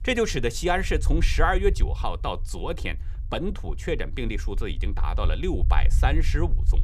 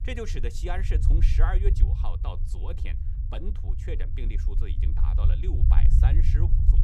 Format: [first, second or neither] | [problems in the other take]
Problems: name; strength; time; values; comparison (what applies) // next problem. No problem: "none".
first | low rumble; loud; throughout; 4 dB below the speech; faint in the first